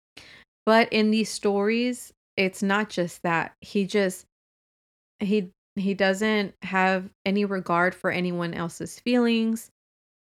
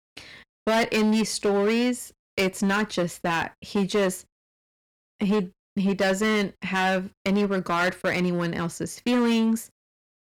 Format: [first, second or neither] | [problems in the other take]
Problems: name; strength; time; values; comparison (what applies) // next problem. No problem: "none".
first | distortion; heavy; 10% of the sound clipped